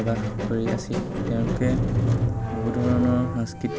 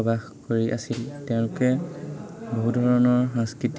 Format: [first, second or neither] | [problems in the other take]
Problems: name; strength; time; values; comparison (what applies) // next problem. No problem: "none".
second | background sound (Squeak); 1 dB above the speech